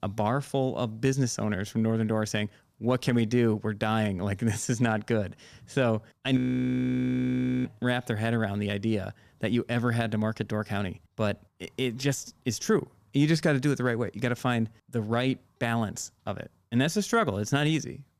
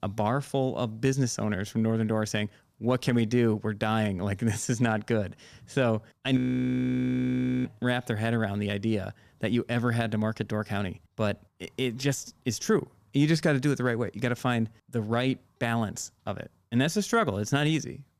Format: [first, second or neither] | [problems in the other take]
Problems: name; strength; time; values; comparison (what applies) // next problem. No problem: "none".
neither | audio freezing; at 6.5 s for 1.5 s; the same in both